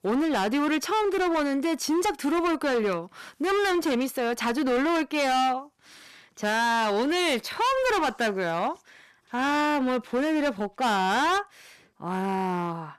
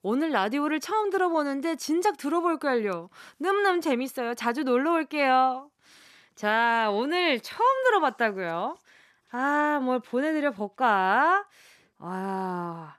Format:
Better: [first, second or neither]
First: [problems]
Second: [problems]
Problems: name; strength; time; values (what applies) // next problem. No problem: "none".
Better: second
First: distortion; heavy; 22% of the sound clipped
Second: none